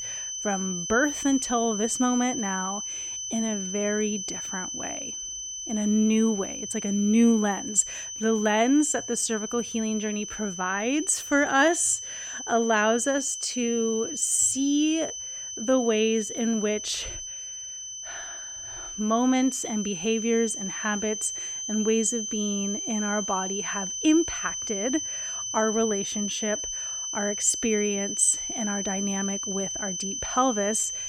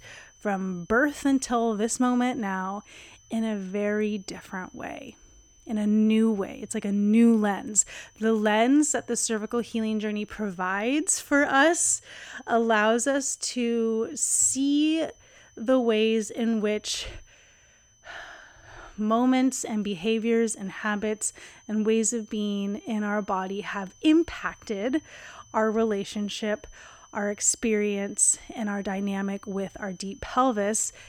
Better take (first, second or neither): second